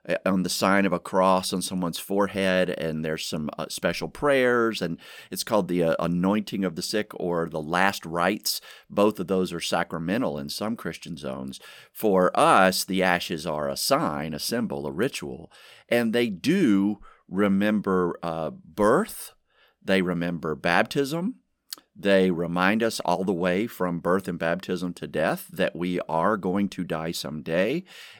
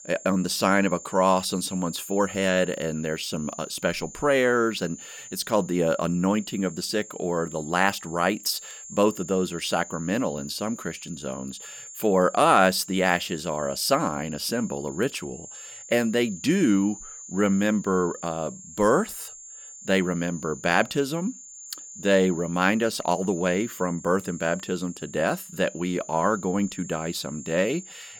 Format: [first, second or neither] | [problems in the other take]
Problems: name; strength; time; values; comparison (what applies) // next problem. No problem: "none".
first | high-pitched whine; noticeable; throughout; 7 kHz, 15 dB below the speech